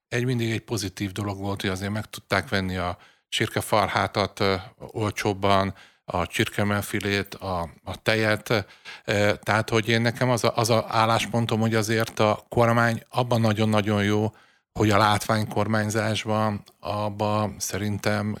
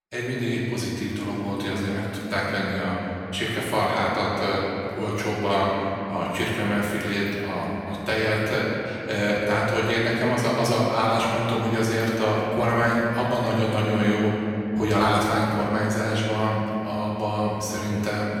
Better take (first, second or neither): first